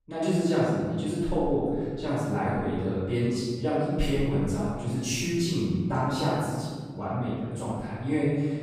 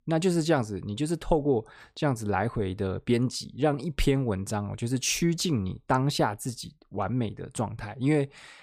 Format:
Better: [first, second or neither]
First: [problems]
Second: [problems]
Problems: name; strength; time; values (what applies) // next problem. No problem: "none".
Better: second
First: off-mic speech; far // room echo; strong; dies away in 1.6 s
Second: none